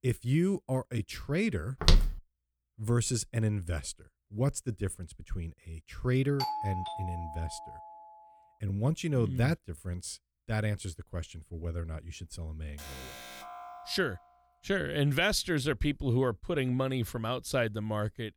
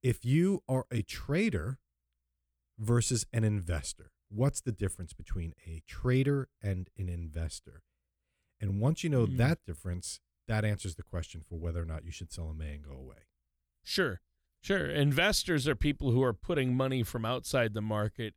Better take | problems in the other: second | footsteps; loud; at 2 s; peak 6 dB above the speech // doorbell; noticeable; from 6.5 to 8 s; peak 2 dB below the speech // alarm; faint; from 13 to 14 s; peak 10 dB below the speech

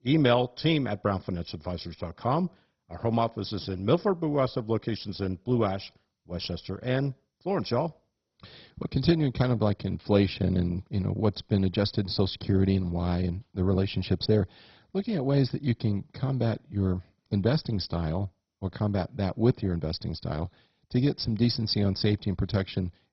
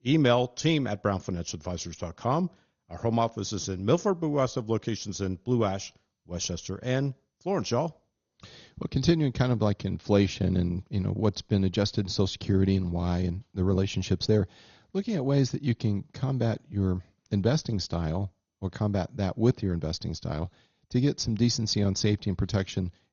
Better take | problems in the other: second | garbled, watery; badly; nothing above 5.5 kHz; slightly in the second

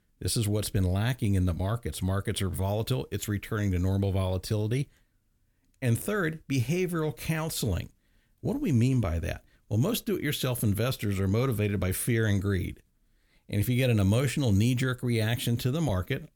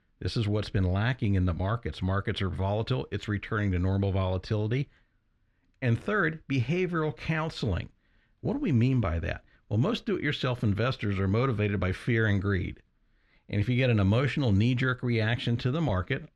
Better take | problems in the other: first | muffled; slightly; fading above 4 kHz

